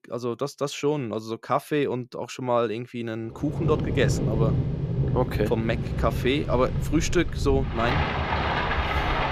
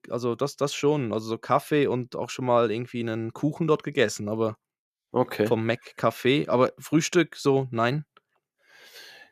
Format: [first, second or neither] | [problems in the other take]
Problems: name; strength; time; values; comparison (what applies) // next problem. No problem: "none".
second | rain or running water; very loud; from 3.5 s on; as loud as the speech